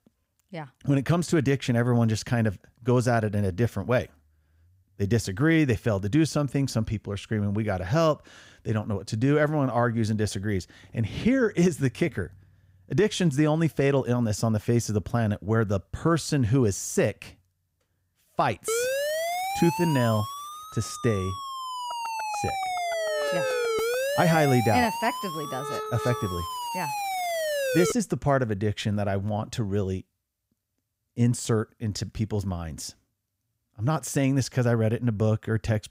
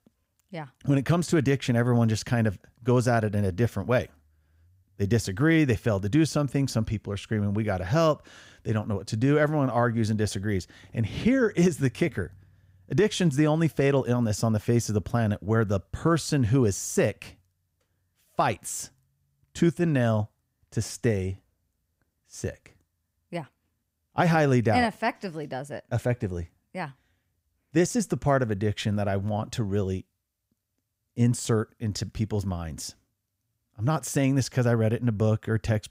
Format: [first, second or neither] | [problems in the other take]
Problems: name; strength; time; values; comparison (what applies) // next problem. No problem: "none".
second | siren; noticeable; from 19 to 28 s; peak level with the speech